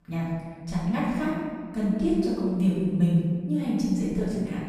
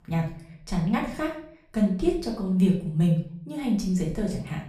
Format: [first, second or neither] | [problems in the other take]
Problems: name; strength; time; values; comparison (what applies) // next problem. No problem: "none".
second | room echo; strong; dies away in 1.9 s; slight in the second // off-mic speech; far; far in the second